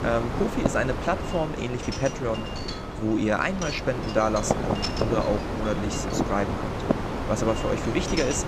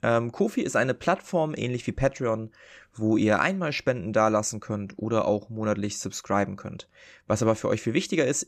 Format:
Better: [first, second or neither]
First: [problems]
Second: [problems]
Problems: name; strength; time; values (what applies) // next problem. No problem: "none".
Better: second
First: wind noise on the microphone; heavy; 3 dB below the speech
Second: none